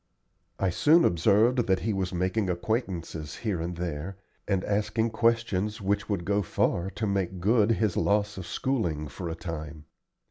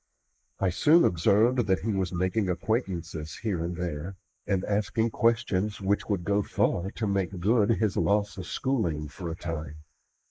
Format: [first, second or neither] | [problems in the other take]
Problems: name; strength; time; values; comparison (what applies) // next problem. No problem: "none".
first | noise reduction (neural mask model Resemble Enhance denoiser)